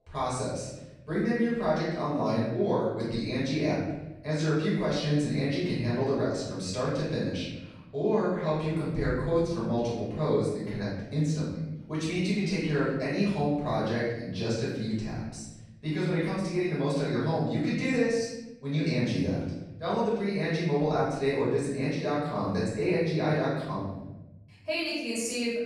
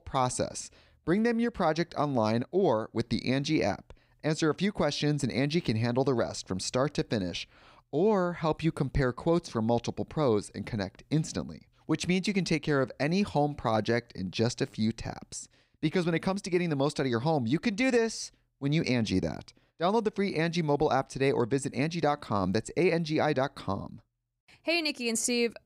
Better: second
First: off-mic speech; far // room echo; noticeable; dies away in 1.1 s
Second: none

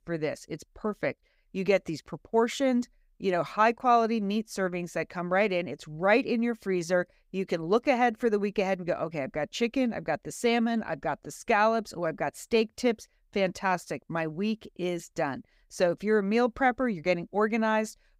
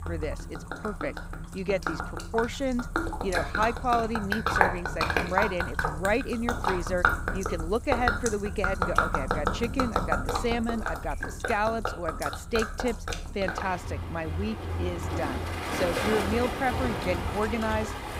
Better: first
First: none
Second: rain or running water; very loud; throughout; as loud as the speech

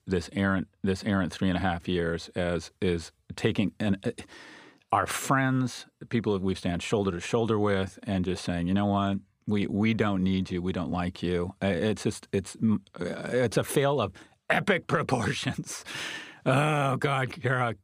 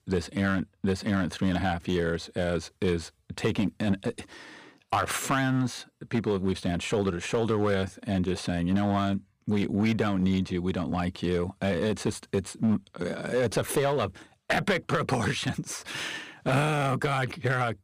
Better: first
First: none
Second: distortion; slight; 4% of the sound clipped

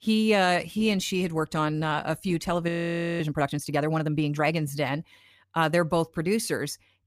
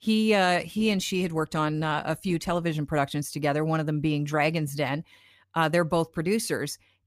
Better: second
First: audio freezing; at 2.5 s for 0.5 s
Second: none

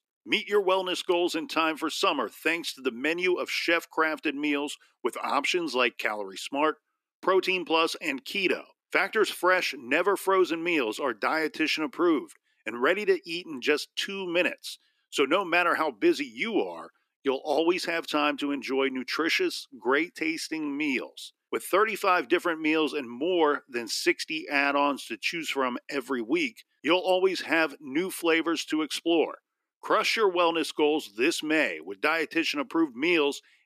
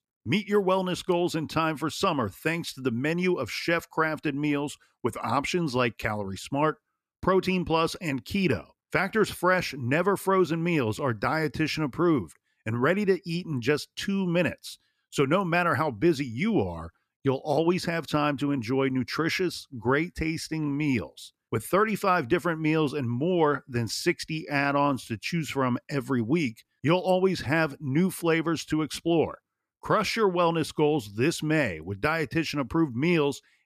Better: second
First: thin; somewhat; fading below 300 Hz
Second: none

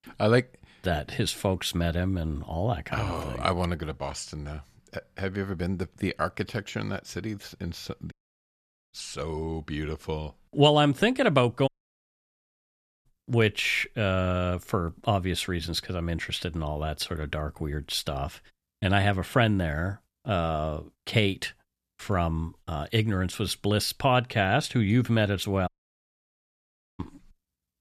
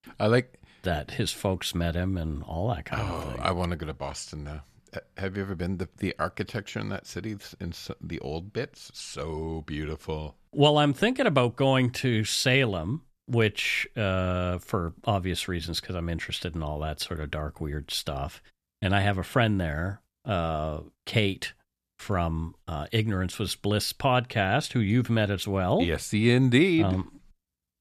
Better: second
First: audio cutting out; at 8 s for 1 s, at 12 s for 1.5 s and at 26 s for 1.5 s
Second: none

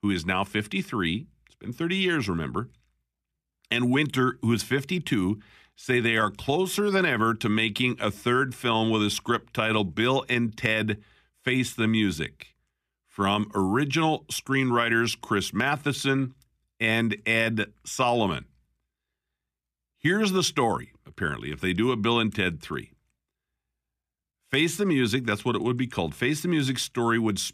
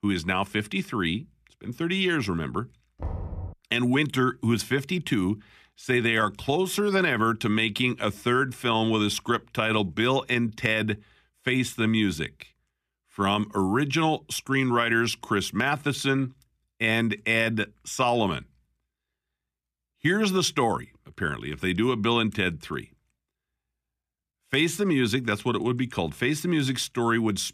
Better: first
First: none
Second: door banging; noticeable; at 3 s; peak 9 dB below the speech

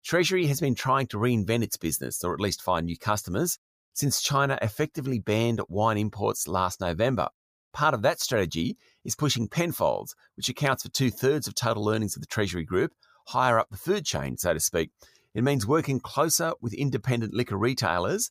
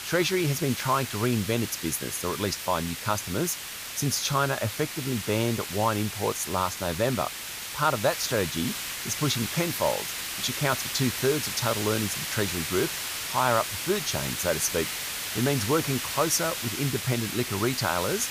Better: first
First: none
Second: hiss; loud; throughout; 4 dB below the speech

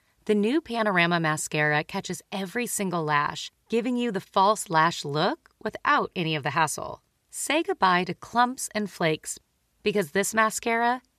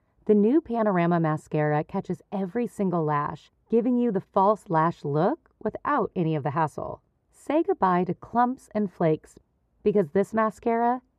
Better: first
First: none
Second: muffled; very; fading above 1.5 kHz

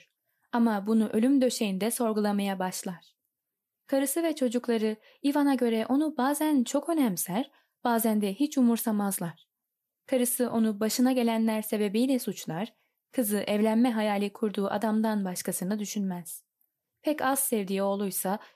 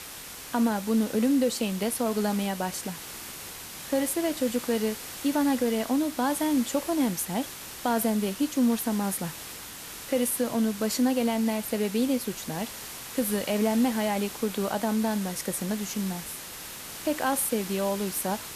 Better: first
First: none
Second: hiss; noticeable; throughout; 10 dB below the speech

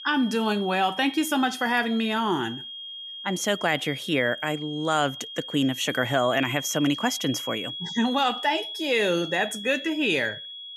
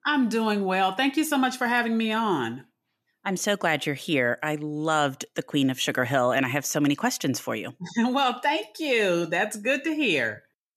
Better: second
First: high-pitched whine; loud; throughout; 3.5 kHz, 9 dB below the speech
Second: none

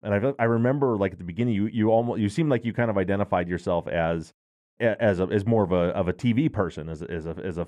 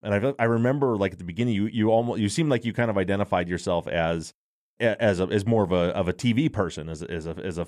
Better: second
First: muffled; slightly; fading above 3 kHz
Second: none

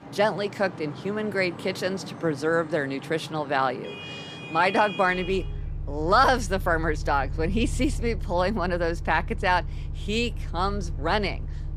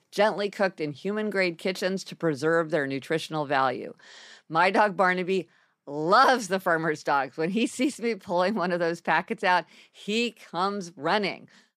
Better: second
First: traffic noise; loud; throughout; 10 dB below the speech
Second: none

